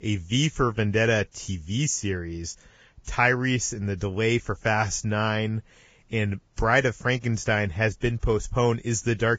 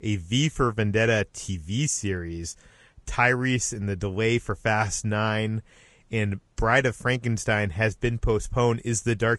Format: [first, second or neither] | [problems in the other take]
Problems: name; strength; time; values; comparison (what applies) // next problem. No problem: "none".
second | garbled, watery; badly; nothing above 7.5 kHz; slightly in the second